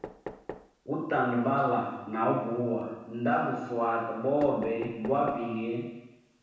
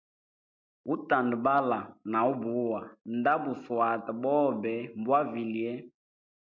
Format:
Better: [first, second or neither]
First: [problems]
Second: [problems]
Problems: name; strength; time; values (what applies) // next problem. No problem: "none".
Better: second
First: background sound (Knock); 17 dB below the speech // room echo; dies away in 1 s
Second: none